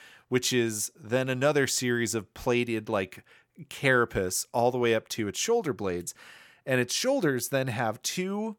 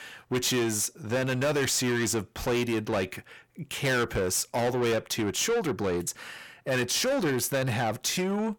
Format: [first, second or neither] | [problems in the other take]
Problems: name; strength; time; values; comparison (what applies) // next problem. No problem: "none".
first | distortion; heavy; 7 dB below the speech